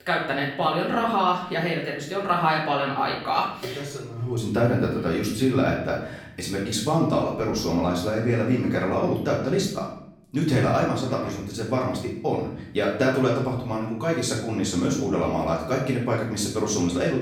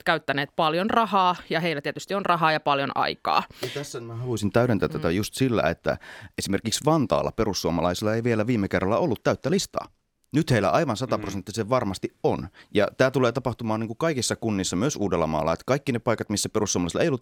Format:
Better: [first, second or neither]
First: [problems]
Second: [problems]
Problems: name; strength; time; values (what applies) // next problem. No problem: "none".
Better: second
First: off-mic speech; far // room echo; noticeable; dies away in 0.7 s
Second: none